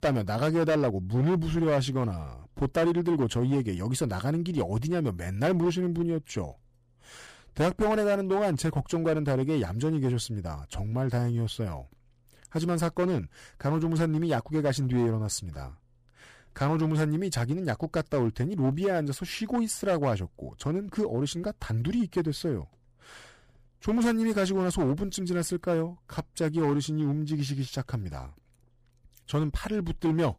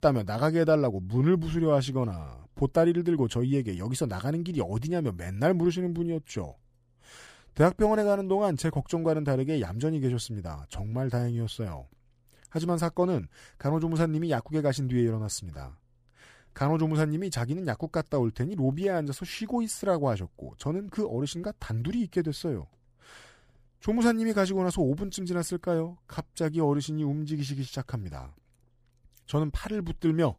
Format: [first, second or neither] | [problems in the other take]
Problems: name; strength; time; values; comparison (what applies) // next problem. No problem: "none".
second | distortion; slight; 7% of the sound clipped